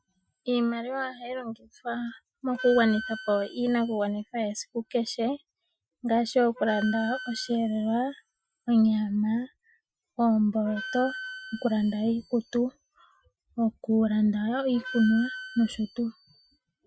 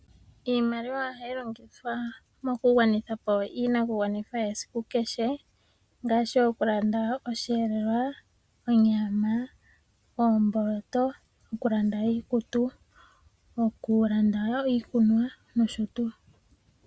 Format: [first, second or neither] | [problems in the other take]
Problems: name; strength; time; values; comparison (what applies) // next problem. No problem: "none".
second | noise reduction (classical method Wiener filter)